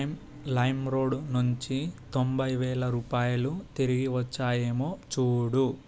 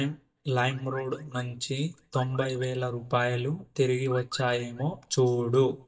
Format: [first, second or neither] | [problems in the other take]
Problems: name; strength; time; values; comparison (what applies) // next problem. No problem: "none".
first | noise reduction (neural mask model DeepFilterNet 3)